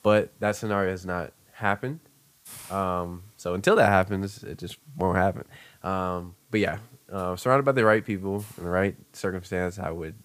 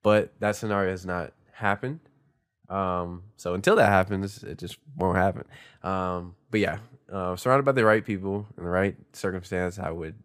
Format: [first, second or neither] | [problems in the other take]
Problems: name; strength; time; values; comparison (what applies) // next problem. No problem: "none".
second | hiss; faint; throughout; 25 dB below the speech